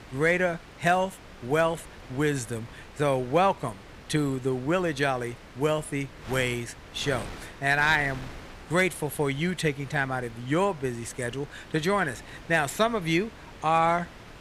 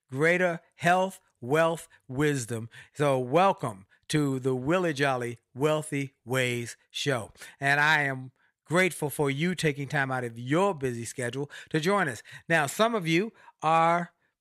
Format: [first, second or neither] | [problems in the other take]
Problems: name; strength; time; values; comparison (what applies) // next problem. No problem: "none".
second | wind noise on the microphone; occasional gusts; 20 dB below the speech